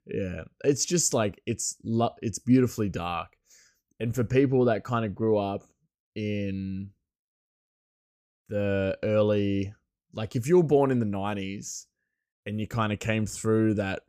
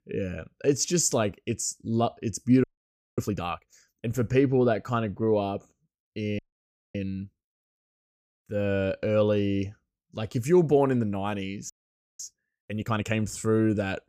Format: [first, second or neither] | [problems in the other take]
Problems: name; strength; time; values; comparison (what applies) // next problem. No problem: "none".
first | audio freezing; at 2.5 s for 0.5 s, at 6.5 s for 0.5 s and at 12 s